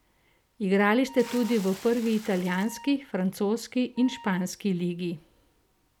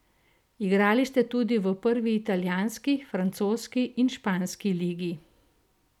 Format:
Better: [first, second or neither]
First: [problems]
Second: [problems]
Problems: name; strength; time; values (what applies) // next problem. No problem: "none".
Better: second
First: background sound (Water / Splash, splatter + Wind instrument, woodwind instrument); 18 dB below the speech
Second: none